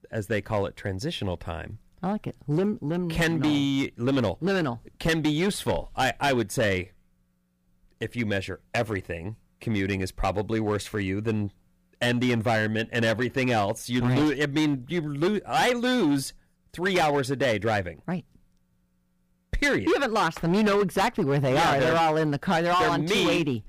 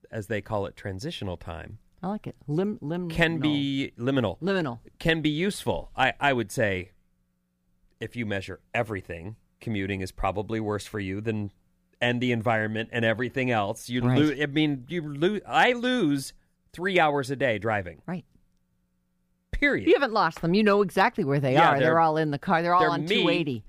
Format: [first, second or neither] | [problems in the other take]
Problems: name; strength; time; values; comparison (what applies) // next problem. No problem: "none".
second | distortion; heavy; 10% of the sound clipped